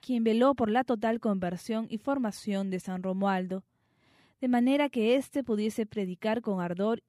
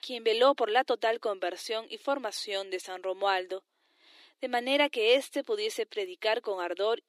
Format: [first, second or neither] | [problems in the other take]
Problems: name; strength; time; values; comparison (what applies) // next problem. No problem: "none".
first | thin; very; fading below 300 Hz